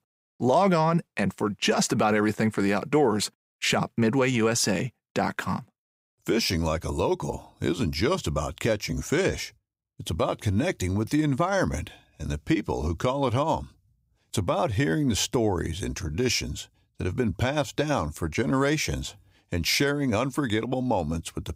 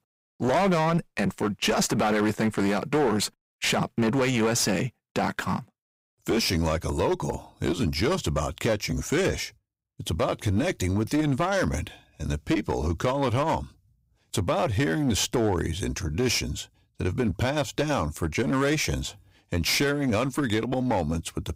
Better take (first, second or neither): first